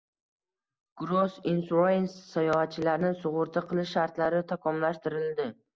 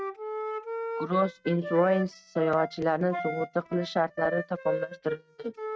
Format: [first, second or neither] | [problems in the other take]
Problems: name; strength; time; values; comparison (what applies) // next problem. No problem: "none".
first | noise reduction (neural mask model RNNoise)